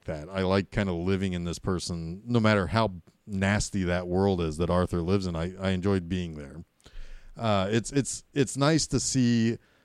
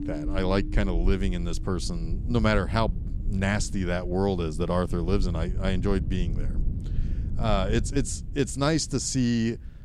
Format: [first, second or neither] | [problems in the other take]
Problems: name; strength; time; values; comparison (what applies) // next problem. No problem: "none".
first | low rumble; noticeable; throughout; 15 dB below the speech